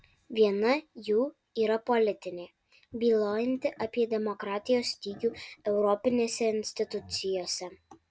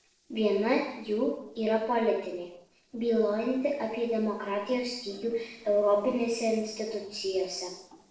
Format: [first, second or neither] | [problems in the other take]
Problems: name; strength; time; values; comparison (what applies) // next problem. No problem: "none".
first | noise reduction (neural separator model SepFormer DNS4)